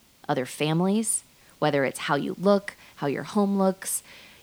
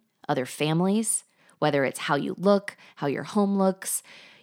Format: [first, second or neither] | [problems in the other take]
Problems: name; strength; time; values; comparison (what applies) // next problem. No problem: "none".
second | hiss; faint; throughout; 30 dB below the speech